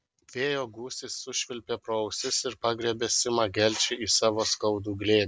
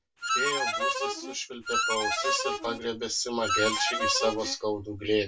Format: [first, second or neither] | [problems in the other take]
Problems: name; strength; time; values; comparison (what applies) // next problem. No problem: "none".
first | background sound (Harmonica); 2 dB above the speech // room echo; dies away in 0.1 s